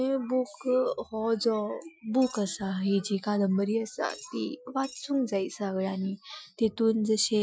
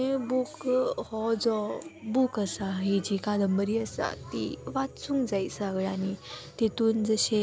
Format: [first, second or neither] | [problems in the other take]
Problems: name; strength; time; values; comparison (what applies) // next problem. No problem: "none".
second | noise reduction (classical method Wiener filter)